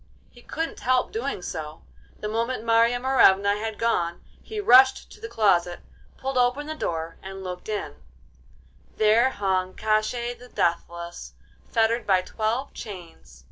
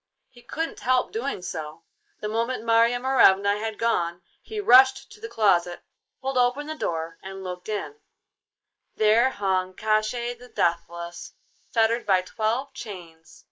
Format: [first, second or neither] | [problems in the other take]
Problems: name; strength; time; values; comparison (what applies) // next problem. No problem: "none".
first | noise reduction (neural mask model Resemble Enhance denoiser)